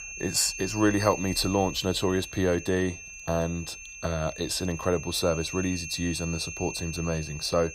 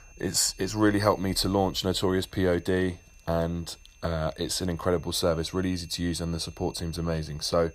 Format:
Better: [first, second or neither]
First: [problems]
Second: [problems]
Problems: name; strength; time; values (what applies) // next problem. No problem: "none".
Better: second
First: high-pitched whine; loud; throughout; 2.5 kHz, 10 dB below the speech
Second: high-pitched whine; faint; throughout; 2.5 kHz, 25 dB below the speech